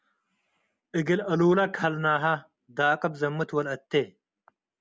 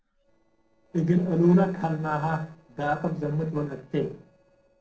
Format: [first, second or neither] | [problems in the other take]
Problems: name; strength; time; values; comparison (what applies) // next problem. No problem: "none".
first | noise reduction (neural separator model SepFormer DNS4)